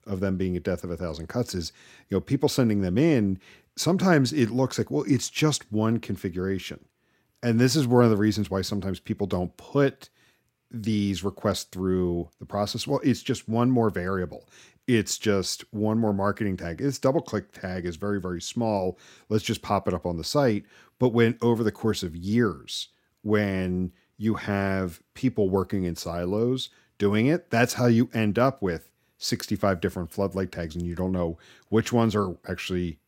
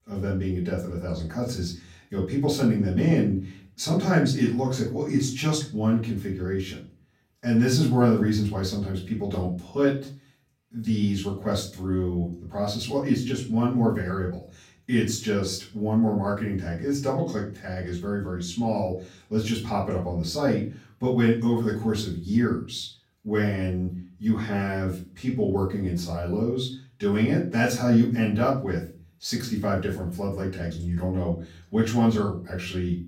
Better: first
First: none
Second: room echo; slight; dies away in 0.4 s // off-mic speech; far

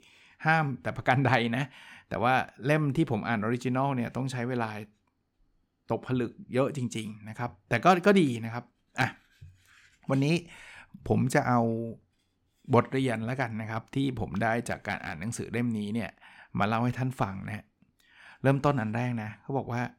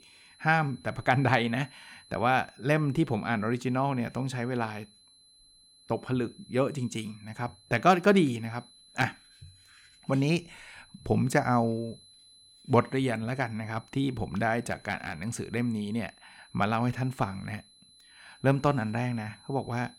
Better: first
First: none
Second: high-pitched whine; faint; throughout; 4 kHz, 25 dB below the speech

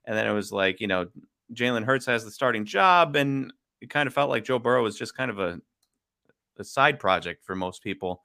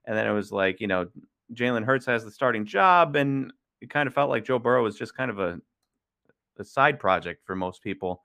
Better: first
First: none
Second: muffled; slightly; fading above 3 kHz

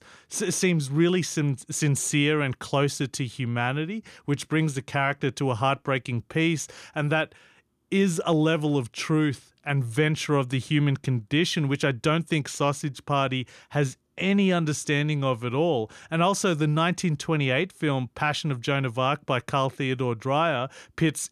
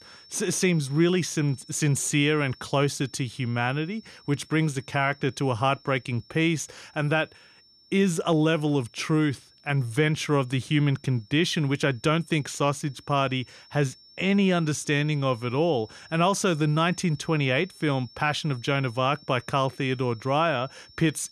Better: first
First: none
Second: high-pitched whine; faint; throughout; 5.5 kHz, 25 dB below the speech

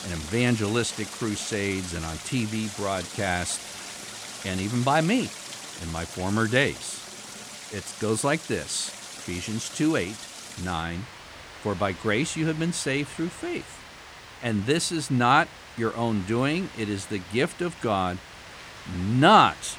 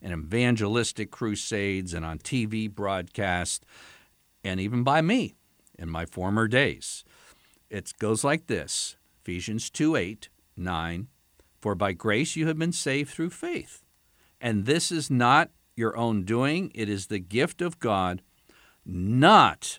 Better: second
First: rain or running water; noticeable; throughout; 10 dB below the speech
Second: none

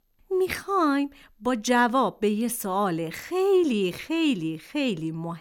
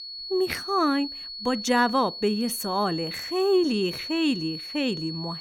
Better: first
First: none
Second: high-pitched whine; loud; throughout; 4.5 kHz, 8 dB below the speech

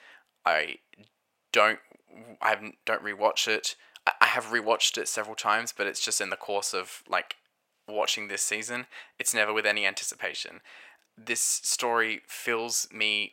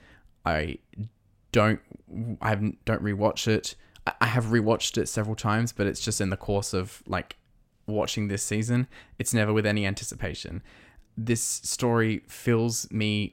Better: second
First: thin; very; fading below 750 Hz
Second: none

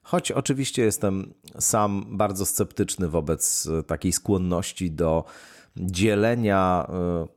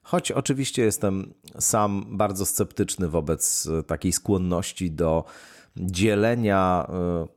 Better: neither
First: none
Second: none

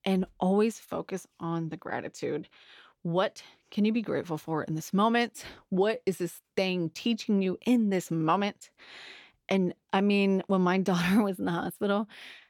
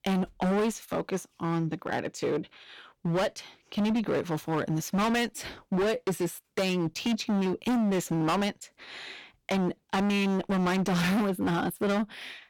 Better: first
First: none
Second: distortion; heavy; 21% of the sound clipped

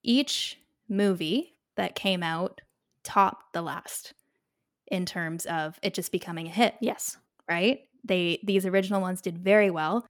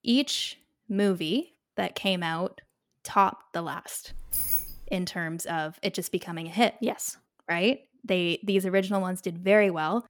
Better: first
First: none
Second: jangling keys; loud; at 4 s; peak 3 dB above the speech

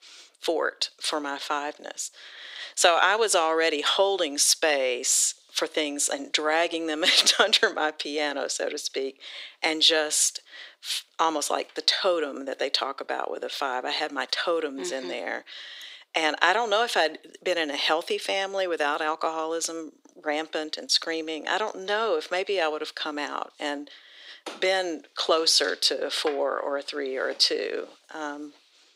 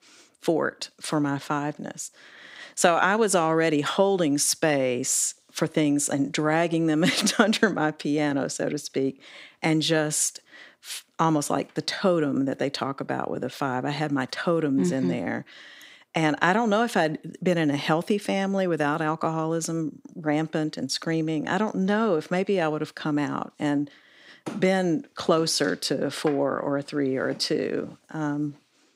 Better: second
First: thin; very; fading below 400 Hz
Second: none

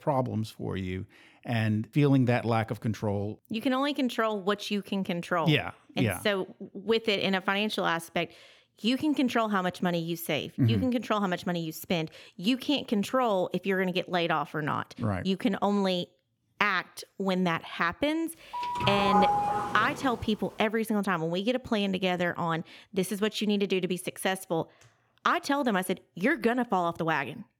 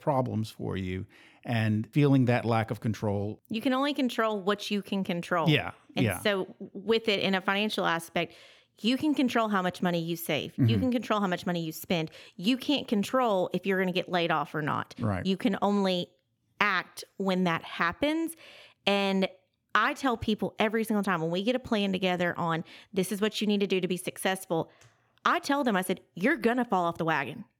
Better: second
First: doorbell; loud; from 19 to 20 s; peak 4 dB above the speech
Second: none

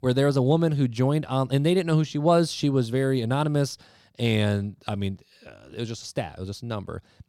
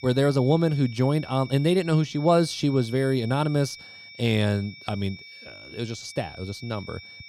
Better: first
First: none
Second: high-pitched whine; noticeable; throughout; 2.5 kHz, 20 dB below the speech

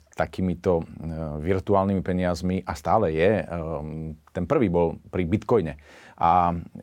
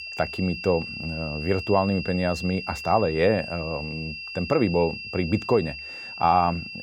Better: first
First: none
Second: high-pitched whine; loud; throughout; 2.5 kHz, 9 dB below the speech

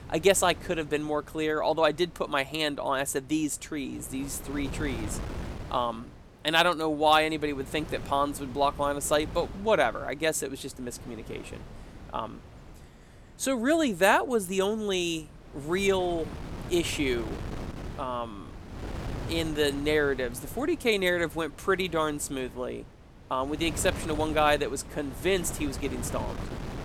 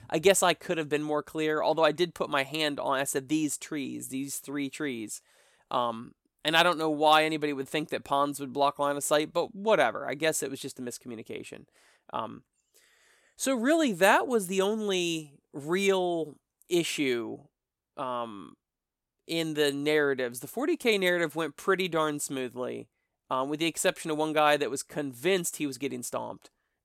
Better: second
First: wind noise on the microphone; occasional gusts; 20 dB below the speech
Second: none

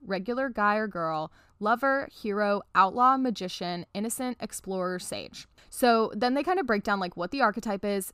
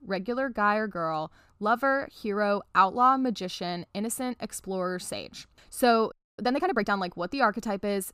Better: first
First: none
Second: audio freezing; at 6 s

